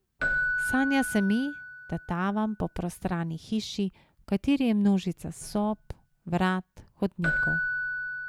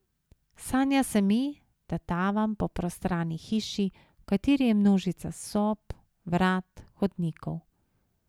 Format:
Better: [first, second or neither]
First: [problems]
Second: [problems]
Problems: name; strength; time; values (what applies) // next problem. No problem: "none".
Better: second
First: background sound (Keyboard (musical)); 5 dB below the speech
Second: none